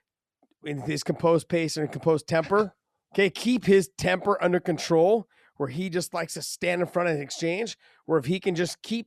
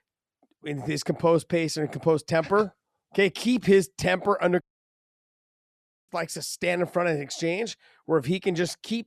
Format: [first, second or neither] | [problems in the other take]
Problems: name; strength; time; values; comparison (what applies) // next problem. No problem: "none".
first | audio cutting out; at 4.5 s for 1.5 s